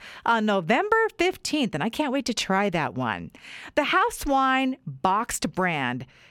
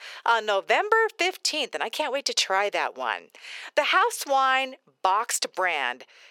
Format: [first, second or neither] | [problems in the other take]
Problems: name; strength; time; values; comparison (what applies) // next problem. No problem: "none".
first | thin; very; fading below 450 Hz